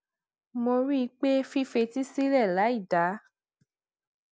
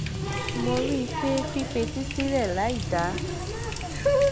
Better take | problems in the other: first | background sound (Water tap, faucet); 1 dB above the speech

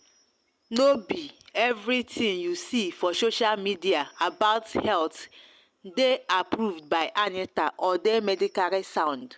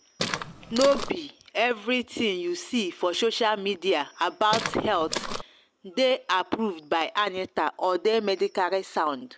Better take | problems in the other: first | background sound (Walk, footsteps); 5 dB below the speech

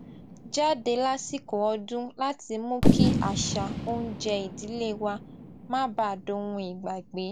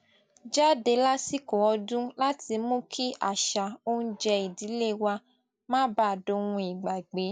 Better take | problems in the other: second | background sound (Fireworks); as loud as the speech

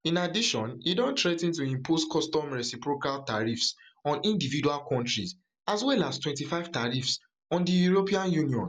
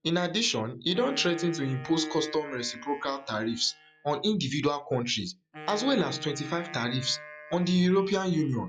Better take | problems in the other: first | noise reduction (classical method log-MMSE)

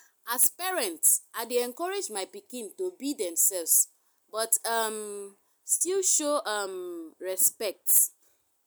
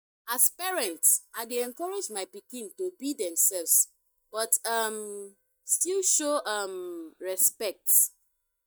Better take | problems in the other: first | noise reduction (neural mask model DeepFilterNet 3)

